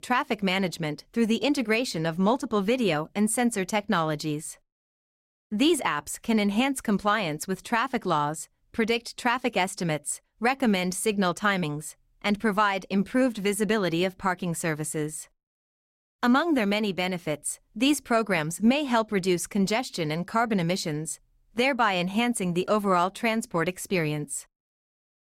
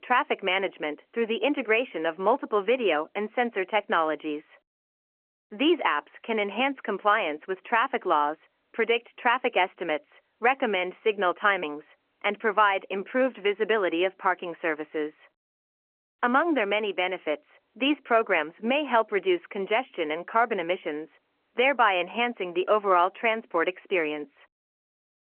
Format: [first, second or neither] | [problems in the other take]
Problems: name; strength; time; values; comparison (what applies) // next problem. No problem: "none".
first | phone-call audio; nothing above 3 kHz